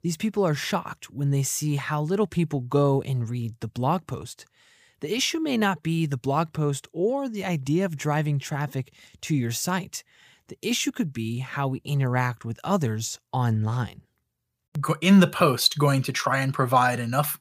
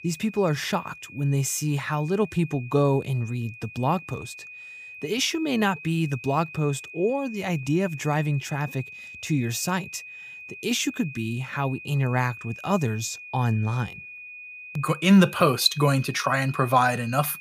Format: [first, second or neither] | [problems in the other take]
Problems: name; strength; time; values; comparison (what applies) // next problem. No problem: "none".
first | high-pitched whine; noticeable; throughout; 2.5 kHz, 15 dB below the speech